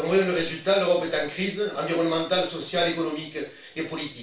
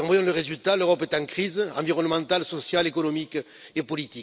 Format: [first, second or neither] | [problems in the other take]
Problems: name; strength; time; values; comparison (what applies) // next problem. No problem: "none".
second | room echo; dies away in 0.3 s